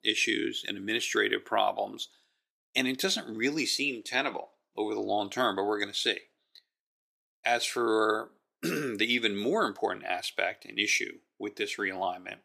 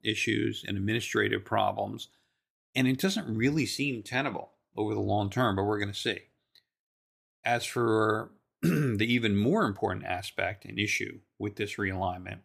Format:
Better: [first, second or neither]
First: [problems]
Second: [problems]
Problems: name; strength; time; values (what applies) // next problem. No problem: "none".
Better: second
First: thin; somewhat; fading below 350 Hz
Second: none